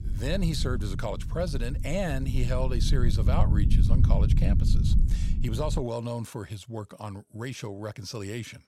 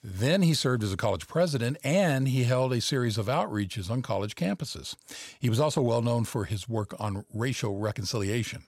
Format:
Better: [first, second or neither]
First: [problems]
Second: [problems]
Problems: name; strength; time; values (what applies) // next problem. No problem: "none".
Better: second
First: low rumble; loud; until 6 s; 7 dB below the speech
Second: none